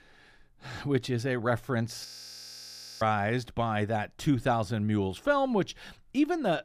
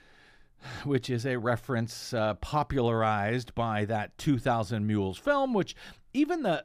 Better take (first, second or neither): second